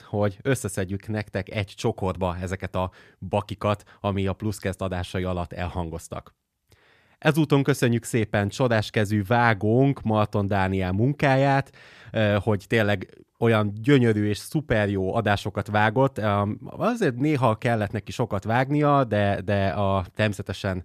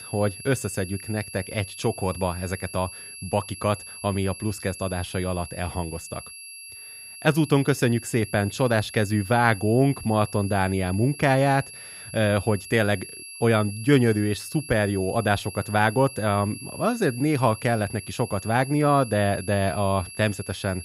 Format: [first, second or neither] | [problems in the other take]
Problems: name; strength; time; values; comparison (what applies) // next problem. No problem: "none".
first | high-pitched whine; noticeable; throughout; 11 kHz, 15 dB below the speech